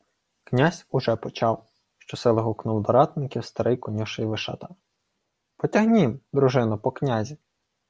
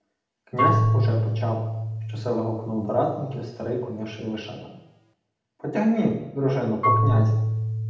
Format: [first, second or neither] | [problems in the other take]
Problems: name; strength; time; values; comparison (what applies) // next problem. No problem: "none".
first | background sound (Marimba, xylophone / Wood); 2 dB above the speech // room echo; dies away in 0.8 s